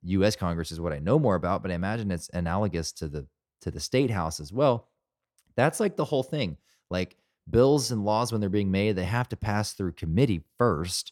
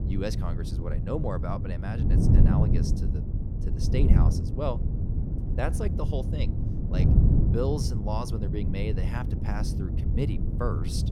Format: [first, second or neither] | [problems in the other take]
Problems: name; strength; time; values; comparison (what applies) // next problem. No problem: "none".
first | wind noise on the microphone; heavy; 3 dB below the speech